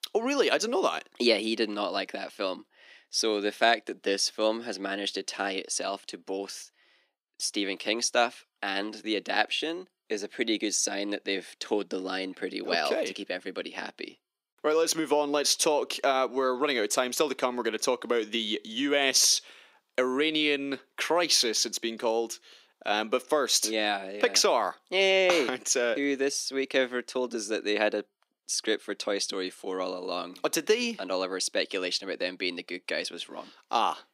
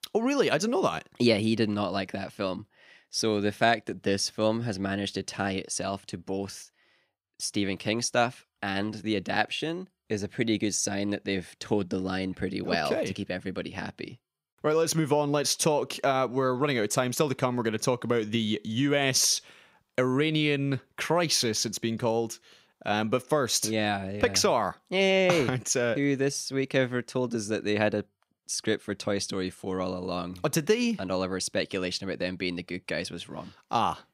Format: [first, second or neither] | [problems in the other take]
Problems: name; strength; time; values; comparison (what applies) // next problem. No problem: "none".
second | thin; very slightly; fading below 300 Hz